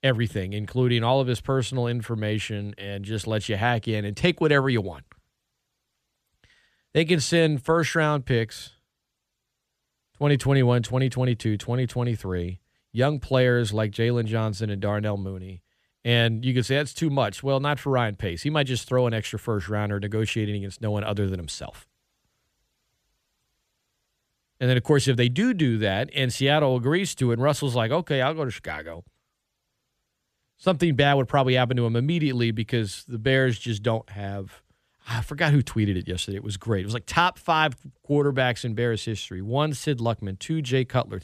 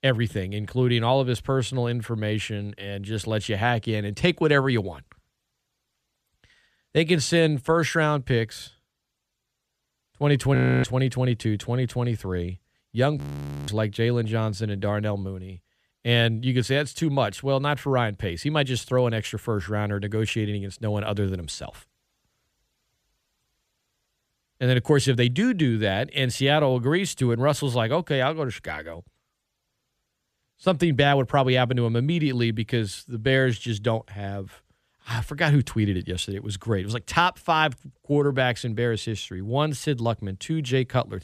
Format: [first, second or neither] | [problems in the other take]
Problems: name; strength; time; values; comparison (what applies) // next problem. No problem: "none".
first | audio freezing; at 11 s and at 13 s